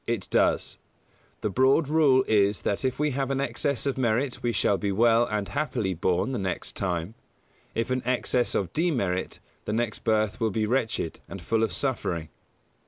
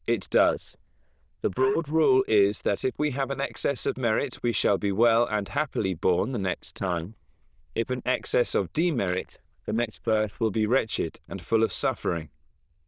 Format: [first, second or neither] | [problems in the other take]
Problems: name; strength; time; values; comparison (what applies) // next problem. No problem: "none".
first | noise reduction (neural diffusion model UNIVERSE++)